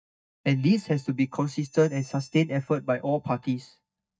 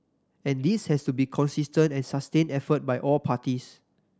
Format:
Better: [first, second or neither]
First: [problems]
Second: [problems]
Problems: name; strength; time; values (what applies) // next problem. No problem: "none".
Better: second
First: noise reduction (neural mask model DeepFilterNet 3)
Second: none